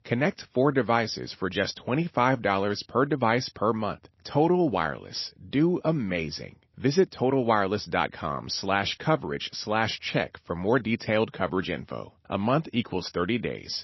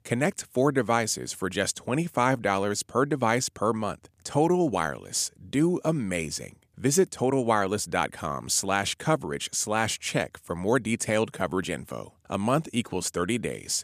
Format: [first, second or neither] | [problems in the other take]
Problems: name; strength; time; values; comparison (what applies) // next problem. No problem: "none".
second | garbled, watery; slightly; nothing above 5.5 kHz